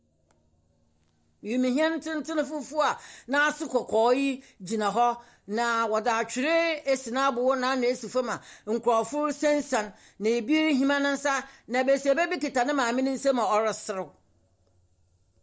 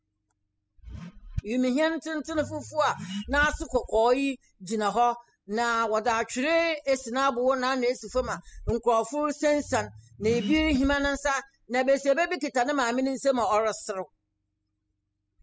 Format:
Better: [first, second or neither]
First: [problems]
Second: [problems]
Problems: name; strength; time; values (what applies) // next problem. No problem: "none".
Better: first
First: none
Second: noise reduction (classical method spectral subtraction)